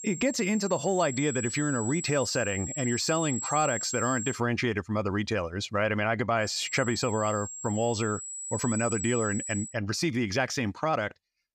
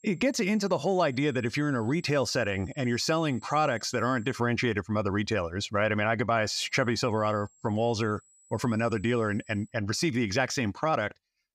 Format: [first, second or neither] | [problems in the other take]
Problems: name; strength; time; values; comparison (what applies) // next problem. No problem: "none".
second | high-pitched whine; loud; until 4.5 s and from 6.5 to 9.5 s; 8 kHz, 6 dB below the speech; faint in the second